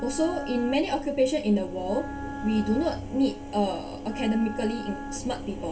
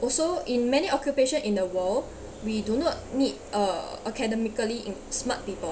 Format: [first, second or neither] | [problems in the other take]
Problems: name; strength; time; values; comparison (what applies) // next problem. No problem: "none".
second | background sound (Wind instrument, woodwind instrument); 11 dB below the speech // room echo; dies away in 0.2 s